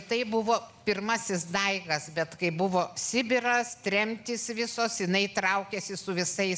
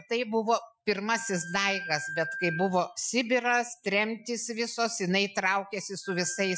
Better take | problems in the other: first | noise reduction (classical method Wiener filter)

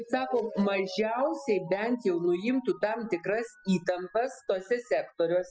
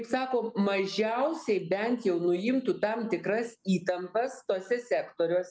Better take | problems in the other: second | noise reduction (classical method spectral subtraction)

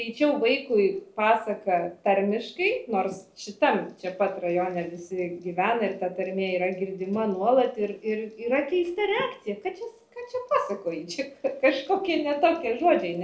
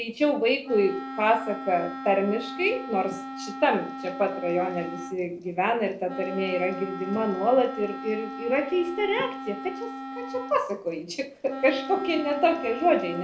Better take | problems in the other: first | background sound (Wind instrument, woodwind instrument); 11 dB below the speech

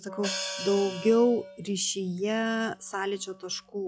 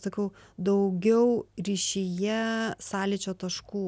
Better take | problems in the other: second | noise reduction (classical method log-MMSE)

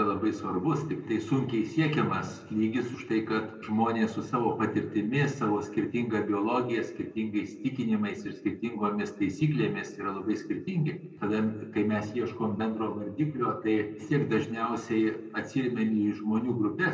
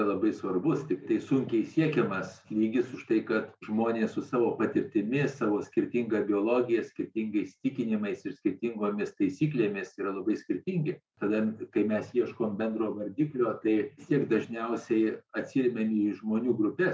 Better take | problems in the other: second | room echo; dies away in 0.5 s

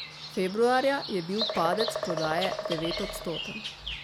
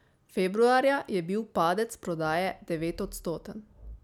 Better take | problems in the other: second | background sound (Bird vocalization, bird call, bird song); 5 dB below the speech

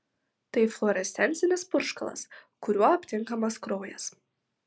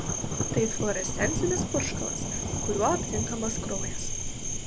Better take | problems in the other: first | background sound (Cricket + Thunder); 2 dB above the speech

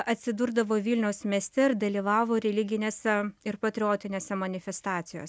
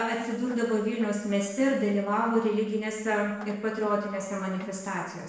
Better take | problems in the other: first | noise reduction (neural separator model SepFormer DNS4)

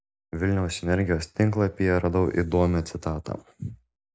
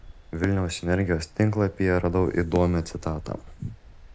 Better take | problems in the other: first | background sound (Stream + Fireworks); 16 dB below the speech

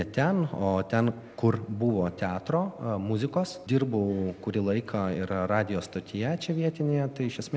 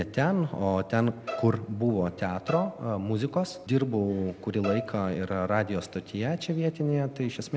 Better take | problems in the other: first | background sound (Bowed string instrument); 11 dB below the speech

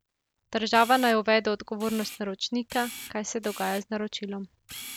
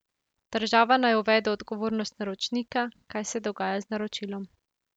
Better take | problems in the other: second | background sound (Camera); 17 dB below the speech

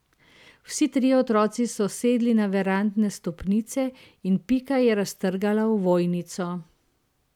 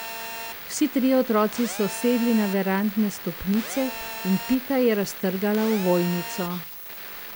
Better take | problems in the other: first | background sound (Telephone); 11 dB below the speech

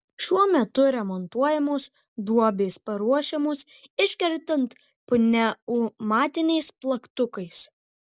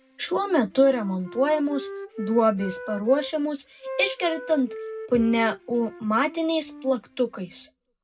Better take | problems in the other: first | background sound (Wind instrument, woodwind instrument); 13 dB below the speech // room echo; dies away in 0.3 s

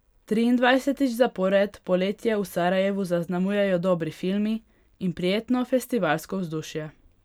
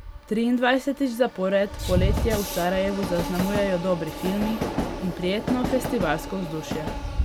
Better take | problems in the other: first | background sound (Train); 4 dB below the speech

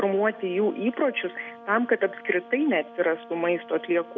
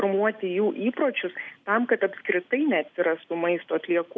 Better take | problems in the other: second | background sound (Brass instrument); 19 dB below the speech

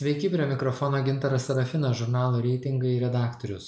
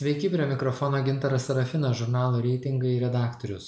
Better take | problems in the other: second | noise reduction (neural mask model Resemble Enhance denoiser)

